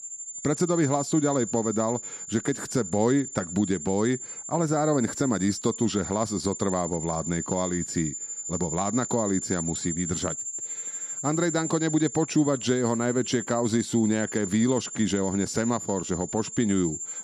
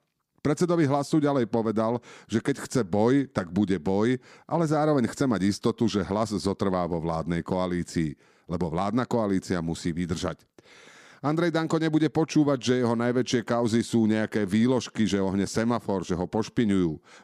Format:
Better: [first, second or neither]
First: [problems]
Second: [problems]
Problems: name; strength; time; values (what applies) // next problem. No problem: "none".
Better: second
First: high-pitched whine; loud; throughout; 7 kHz, 6 dB below the speech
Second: none